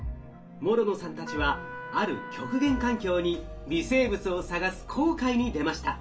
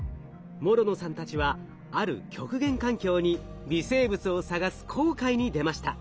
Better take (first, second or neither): second